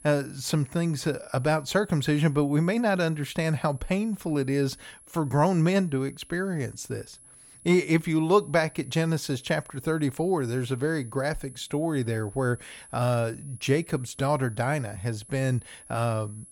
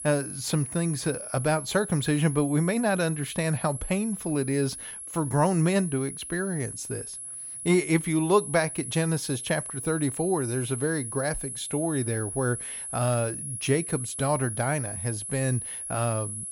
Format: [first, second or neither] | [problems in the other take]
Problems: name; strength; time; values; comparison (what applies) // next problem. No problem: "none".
first | high-pitched whine; loud; throughout; 10.5 kHz, 7 dB below the speech; faint in the first